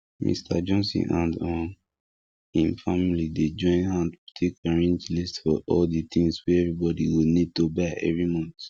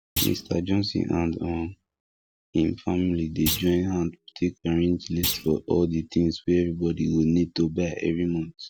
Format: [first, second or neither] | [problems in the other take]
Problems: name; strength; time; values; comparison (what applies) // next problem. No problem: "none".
first | background sound (Thump, thud); 10 dB below the speech